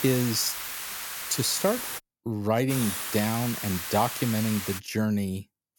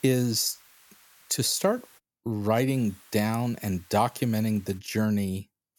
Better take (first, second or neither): second